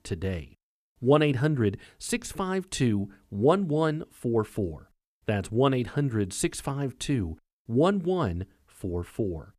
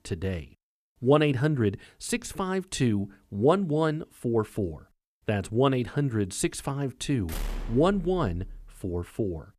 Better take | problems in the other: first | door banging; noticeable; from 7.5 to 8.5 s; peak 8 dB below the speech

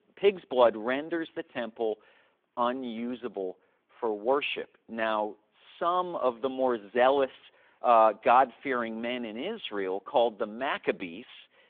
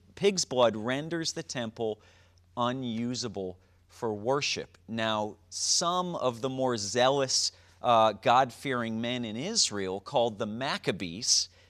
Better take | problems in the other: second | phone-call audio; nothing above 3.5 kHz

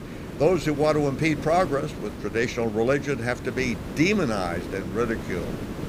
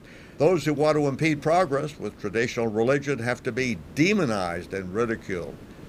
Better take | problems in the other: second | hiss; loud; throughout; 10 dB below the speech; faint in the second

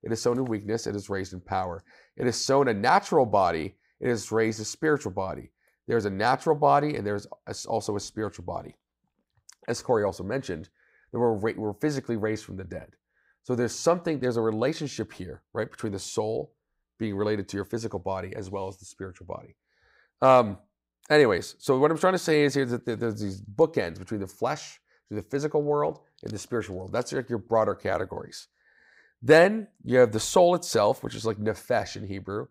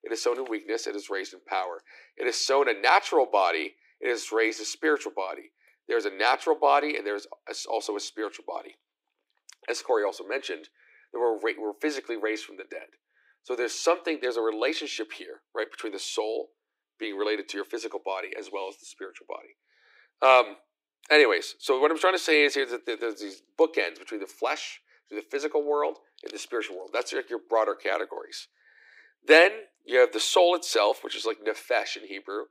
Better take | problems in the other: first | thin; somewhat; fading below 300 Hz

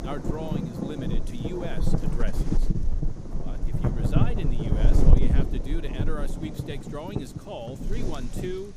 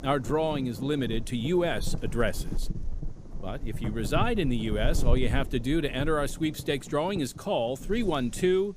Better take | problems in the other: second | wind noise on the microphone; heavy; 1 dB above the speech; occasional gusts in the second

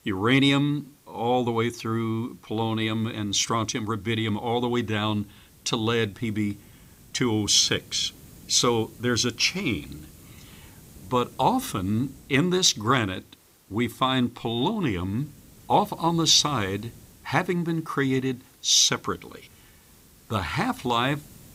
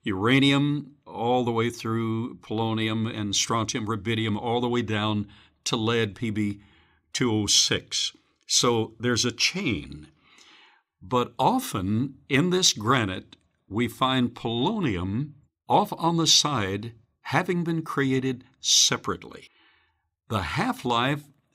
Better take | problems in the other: second | hiss; faint; throughout; 25 dB below the speech

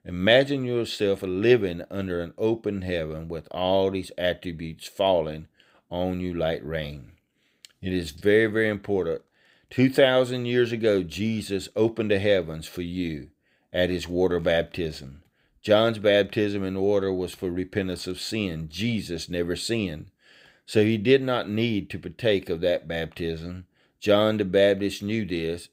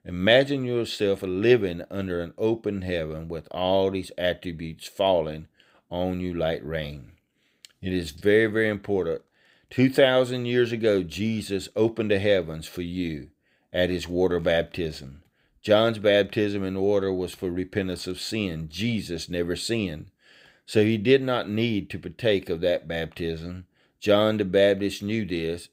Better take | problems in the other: neither | none

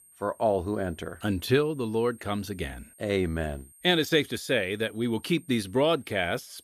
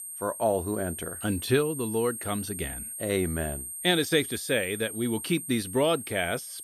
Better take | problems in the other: first | high-pitched whine; loud; throughout; 8.5 kHz, 7 dB below the speech; faint in the first

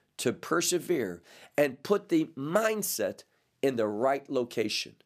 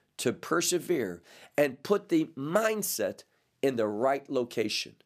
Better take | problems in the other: neither | none

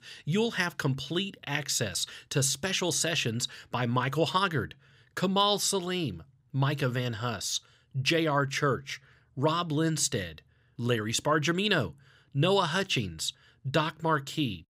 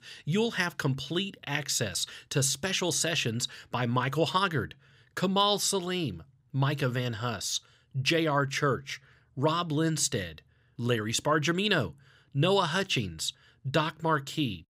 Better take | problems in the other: neither | none

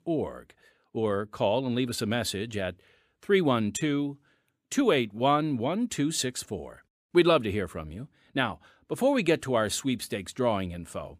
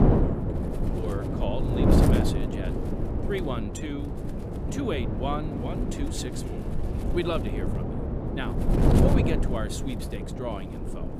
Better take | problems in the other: first | wind noise on the microphone; heavy; 1 dB above the speech

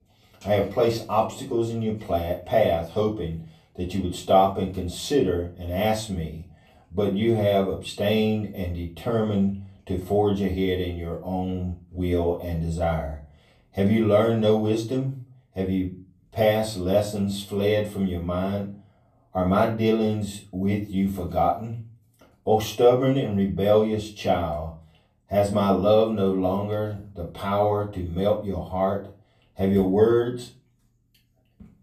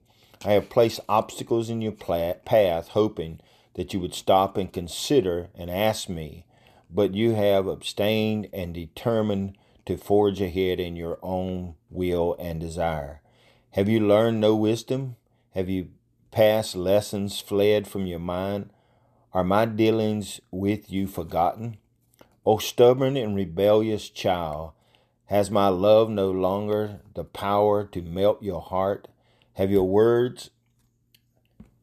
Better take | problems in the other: second | off-mic speech; far // room echo; slight; dies away in 0.3 s

